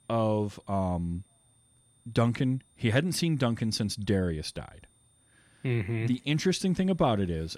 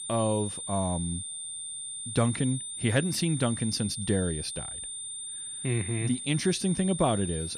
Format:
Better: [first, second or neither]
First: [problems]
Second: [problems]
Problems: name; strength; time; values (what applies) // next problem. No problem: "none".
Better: first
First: high-pitched whine; faint; throughout; 9 kHz, 35 dB below the speech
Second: high-pitched whine; loud; throughout; 9 kHz, 6 dB below the speech